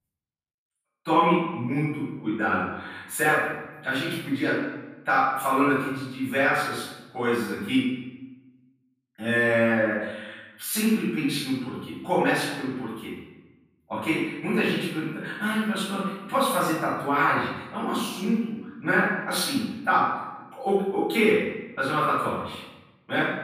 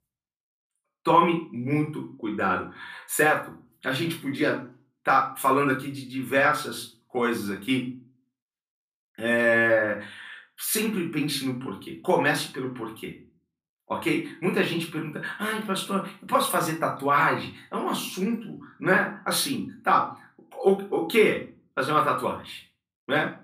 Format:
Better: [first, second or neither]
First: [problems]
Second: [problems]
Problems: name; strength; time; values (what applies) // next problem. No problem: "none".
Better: second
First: room echo; strong; dies away in 0.9 s // off-mic speech; far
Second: room echo; slight; dies away in 0.3 s // off-mic speech; far